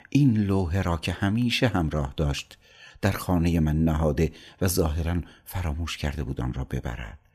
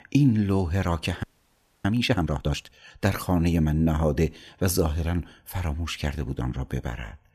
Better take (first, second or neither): first